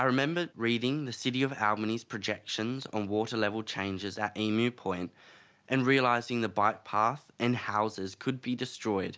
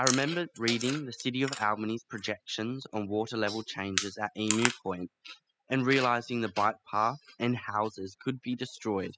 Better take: first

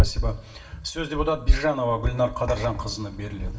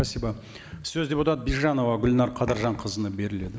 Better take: second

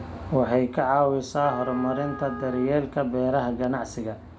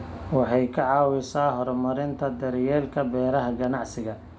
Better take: second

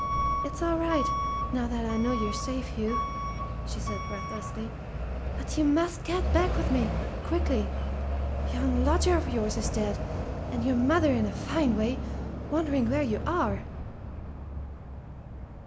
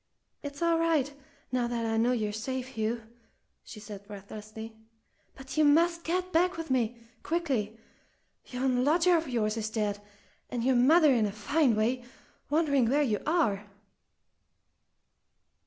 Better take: second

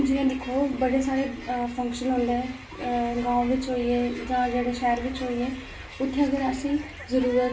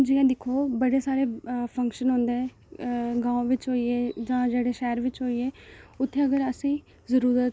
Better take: second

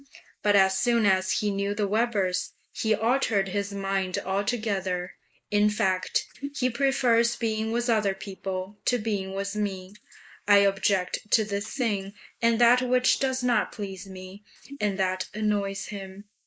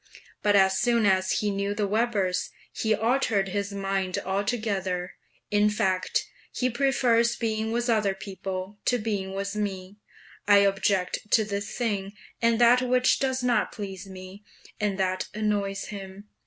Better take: second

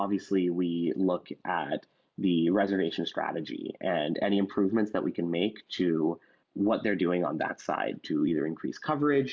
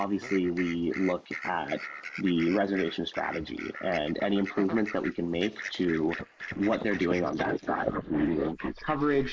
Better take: first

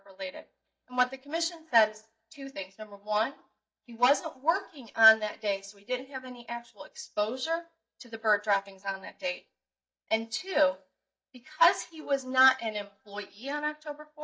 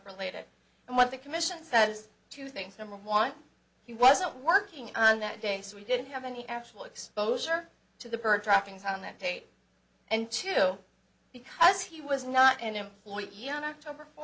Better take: second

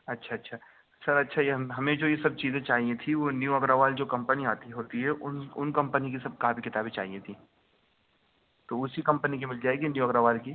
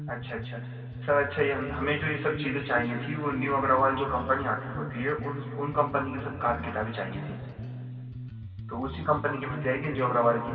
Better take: first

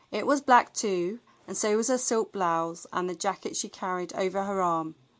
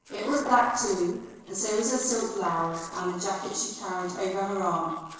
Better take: first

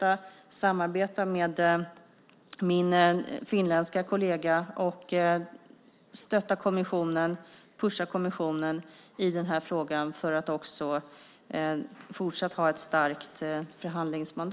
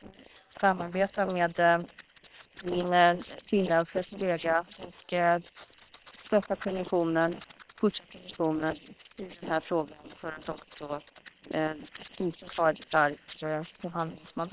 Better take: first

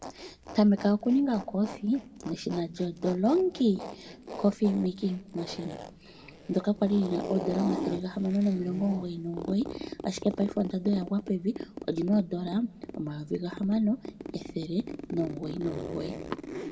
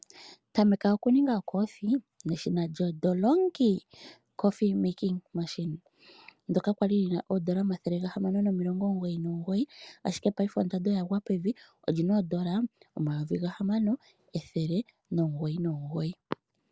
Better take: second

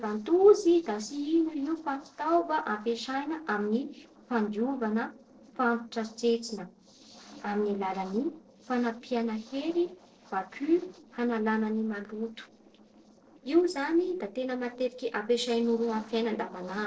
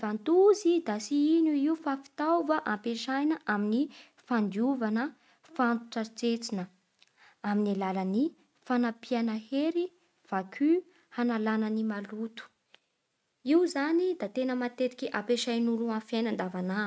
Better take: second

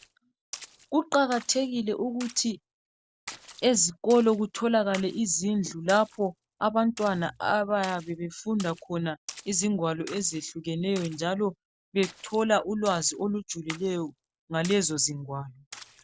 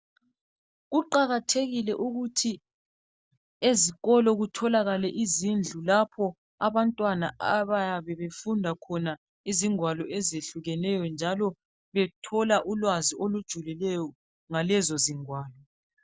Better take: second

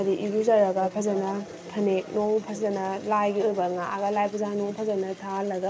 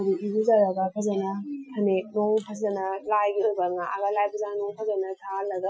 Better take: first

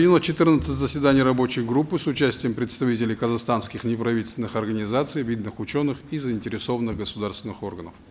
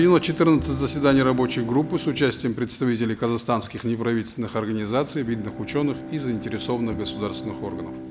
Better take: first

